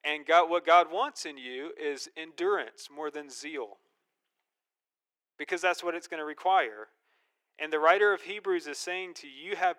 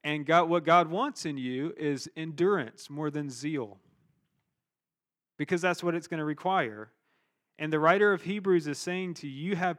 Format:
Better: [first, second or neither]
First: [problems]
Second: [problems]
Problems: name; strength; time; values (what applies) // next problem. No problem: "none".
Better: second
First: thin; very; fading below 400 Hz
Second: none